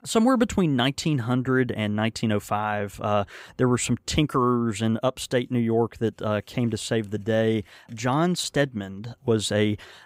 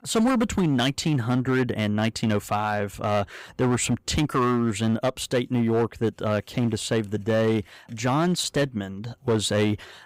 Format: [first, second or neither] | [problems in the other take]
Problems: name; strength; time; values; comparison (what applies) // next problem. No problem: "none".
first | distortion; slight; 8% of the sound clipped